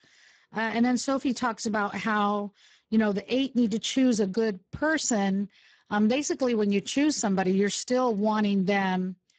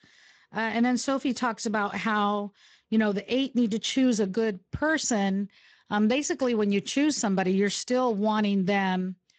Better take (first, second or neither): second